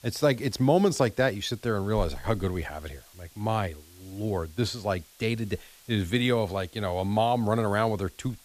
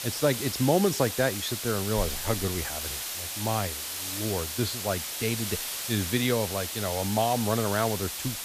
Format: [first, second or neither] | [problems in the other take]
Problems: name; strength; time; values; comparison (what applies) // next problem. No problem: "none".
first | hiss; loud; throughout; 3 dB below the speech; faint in the first